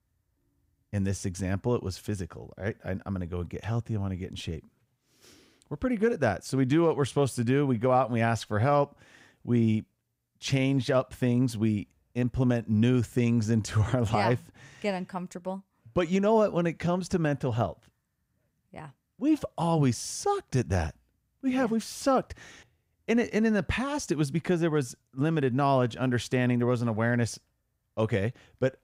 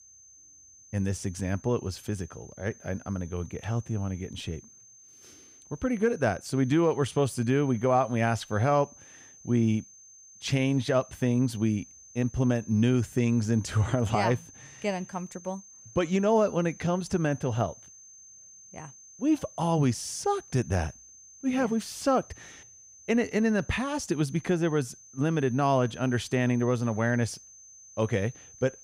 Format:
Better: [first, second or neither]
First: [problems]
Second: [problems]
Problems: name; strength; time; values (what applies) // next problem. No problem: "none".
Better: first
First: none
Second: high-pitched whine; faint; throughout; 6.5 kHz, 20 dB below the speech